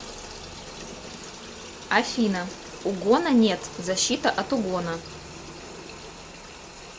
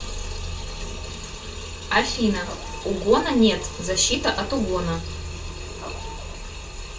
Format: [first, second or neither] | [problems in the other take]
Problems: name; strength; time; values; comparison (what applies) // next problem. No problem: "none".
first | background sound (Printer / Engine); 17 dB below the speech // room echo; dies away in 0.2 s